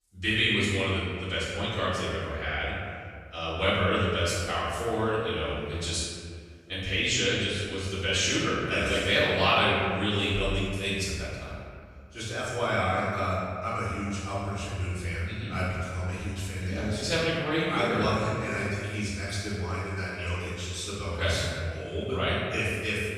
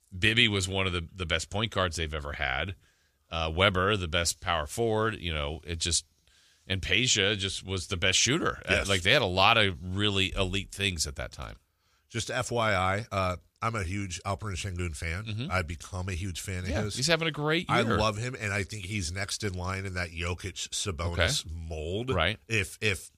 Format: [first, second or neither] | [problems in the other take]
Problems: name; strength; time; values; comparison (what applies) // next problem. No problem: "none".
second | off-mic speech; far // room echo; strong; dies away in 1.9 s